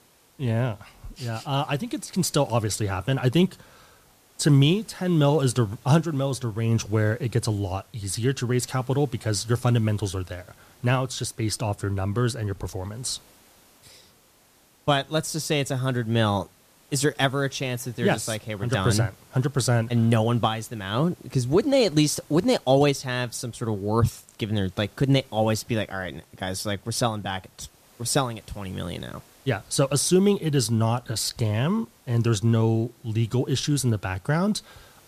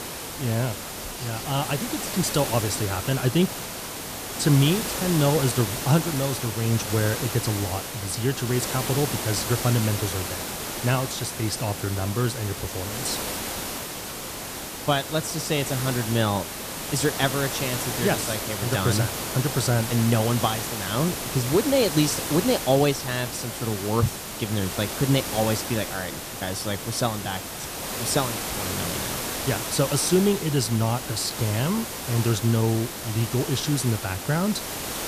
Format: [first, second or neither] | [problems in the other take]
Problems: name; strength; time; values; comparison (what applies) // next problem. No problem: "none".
first | hiss; loud; throughout; 4 dB below the speech; faint in the first